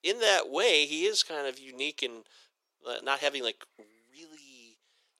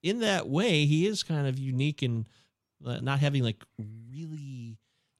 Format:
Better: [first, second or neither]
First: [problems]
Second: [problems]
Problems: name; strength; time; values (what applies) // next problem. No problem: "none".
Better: second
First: thin; very; fading below 400 Hz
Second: none